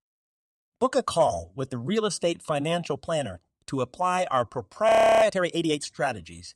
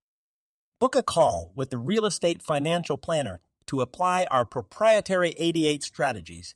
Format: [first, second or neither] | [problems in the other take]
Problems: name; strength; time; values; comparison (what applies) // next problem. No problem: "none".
second | audio freezing; at 5 s